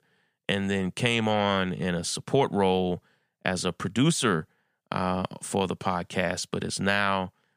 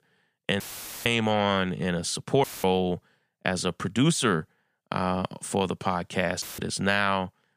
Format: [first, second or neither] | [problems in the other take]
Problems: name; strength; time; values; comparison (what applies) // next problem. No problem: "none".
first | audio cutting out; filled with static; at 0.5 s, at 2.5 s and at 6.5 s